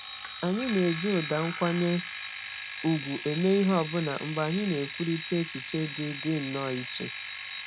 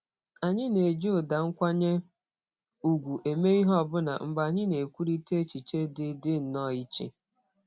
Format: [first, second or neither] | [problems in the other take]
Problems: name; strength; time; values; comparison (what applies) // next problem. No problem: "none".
second | background sound (Alarm); 9 dB below the speech